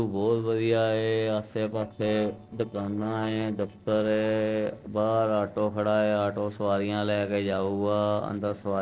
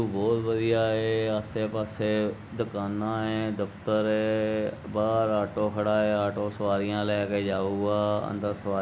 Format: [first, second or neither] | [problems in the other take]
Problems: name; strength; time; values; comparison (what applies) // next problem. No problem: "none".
second | noise reduction (neural separator model SepFormer DNS4)